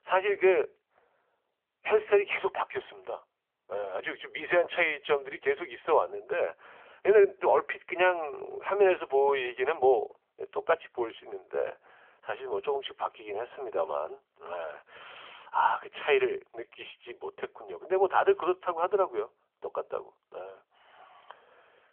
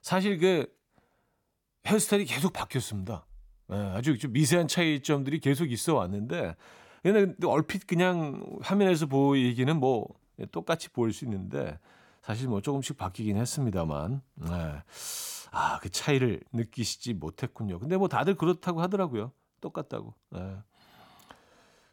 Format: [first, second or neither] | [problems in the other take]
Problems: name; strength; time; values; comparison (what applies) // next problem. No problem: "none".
second | phone-call audio; nothing above 3.5 kHz